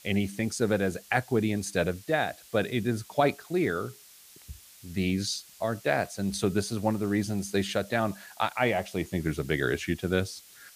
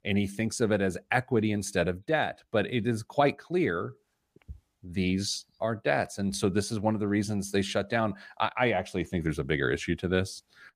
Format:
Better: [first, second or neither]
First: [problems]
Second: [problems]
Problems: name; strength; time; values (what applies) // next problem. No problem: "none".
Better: second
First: hiss; faint; throughout; 20 dB below the speech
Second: none